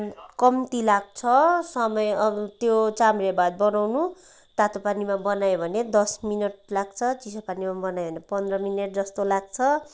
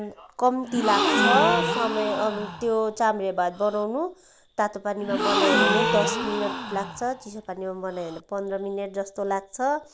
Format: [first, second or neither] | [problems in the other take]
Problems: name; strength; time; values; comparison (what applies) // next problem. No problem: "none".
first | background sound (Gasp); as loud as the speech